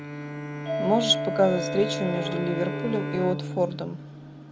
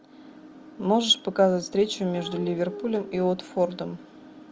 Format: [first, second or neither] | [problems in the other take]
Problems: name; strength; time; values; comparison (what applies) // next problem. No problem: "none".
second | background sound (Bowed string instrument + Doorbell); 4 dB below the speech